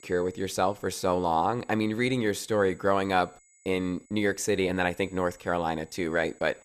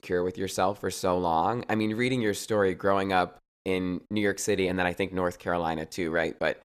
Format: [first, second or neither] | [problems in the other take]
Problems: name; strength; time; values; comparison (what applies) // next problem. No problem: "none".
second | high-pitched whine; faint; throughout; 8 kHz, 30 dB below the speech